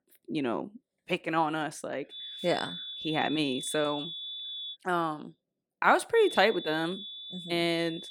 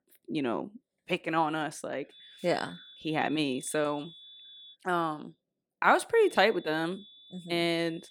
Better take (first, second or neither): second